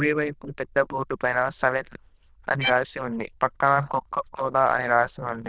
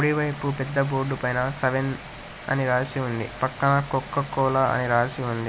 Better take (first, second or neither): second